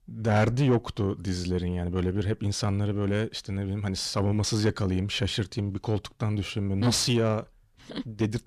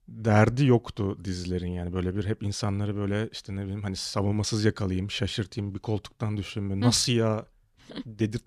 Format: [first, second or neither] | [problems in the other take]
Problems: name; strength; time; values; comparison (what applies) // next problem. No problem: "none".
second | distortion; slight; 10 dB below the speech